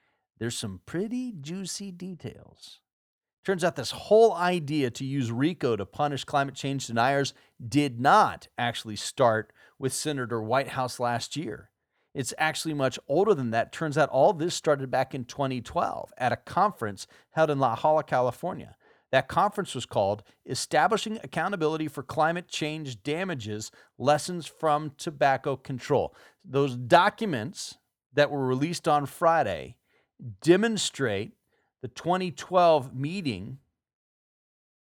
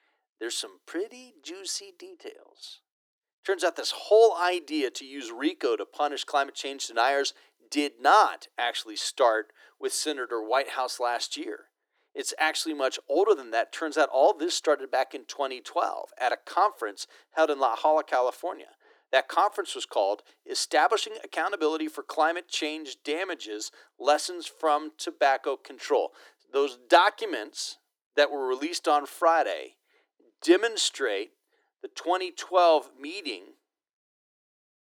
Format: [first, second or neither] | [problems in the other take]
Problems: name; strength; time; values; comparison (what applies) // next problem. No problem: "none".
first | thin; somewhat; fading below 300 Hz